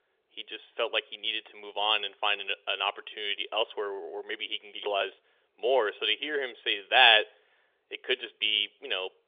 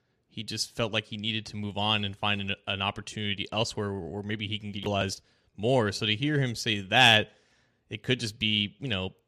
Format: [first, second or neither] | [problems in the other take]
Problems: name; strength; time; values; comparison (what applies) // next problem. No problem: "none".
second | phone-call audio; nothing above 3.5 kHz